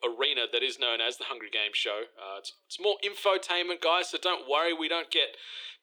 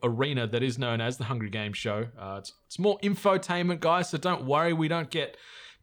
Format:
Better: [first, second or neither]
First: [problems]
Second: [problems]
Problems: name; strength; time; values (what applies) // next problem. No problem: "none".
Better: second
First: thin; very; fading below 350 Hz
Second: none